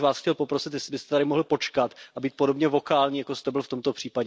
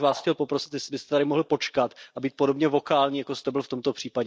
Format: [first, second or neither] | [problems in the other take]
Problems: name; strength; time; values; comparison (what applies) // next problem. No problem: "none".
first | noise reduction (neural mask model DeepFilterNet 3)